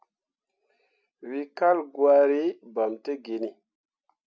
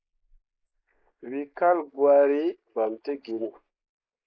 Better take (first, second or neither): first